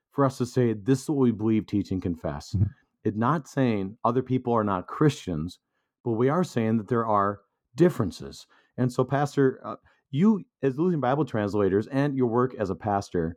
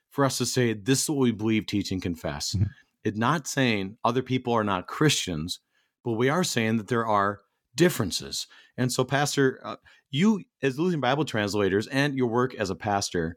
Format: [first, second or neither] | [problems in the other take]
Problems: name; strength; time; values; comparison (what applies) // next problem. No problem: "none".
second | muffled; slightly; fading above 1.5 kHz